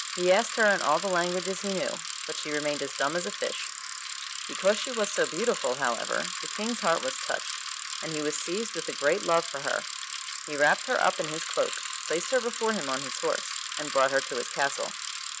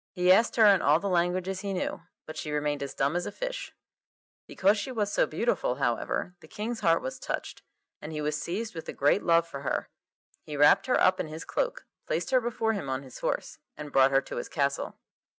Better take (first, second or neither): second